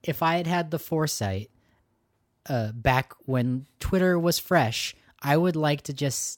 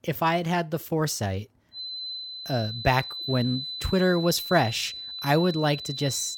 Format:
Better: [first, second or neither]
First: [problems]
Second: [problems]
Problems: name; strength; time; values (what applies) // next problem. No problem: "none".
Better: first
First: none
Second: high-pitched whine; loud; from 2 s on; 4 kHz, 7 dB below the speech